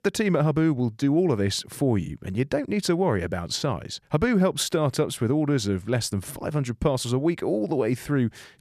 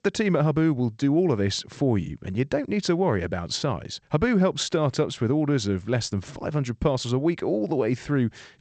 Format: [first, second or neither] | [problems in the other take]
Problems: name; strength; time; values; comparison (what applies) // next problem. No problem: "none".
first | garbled, watery; slightly; nothing above 8 kHz